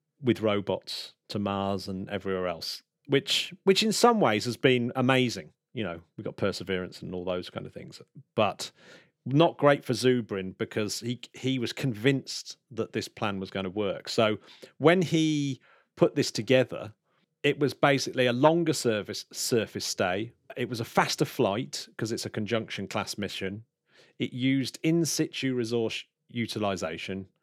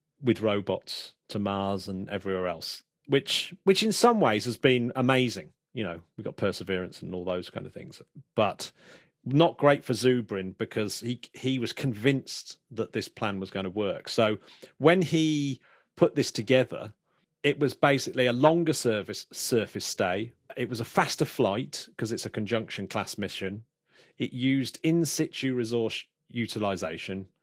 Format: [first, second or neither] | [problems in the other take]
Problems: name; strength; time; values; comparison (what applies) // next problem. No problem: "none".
first | garbled, watery; slightly; nothing above 16.5 kHz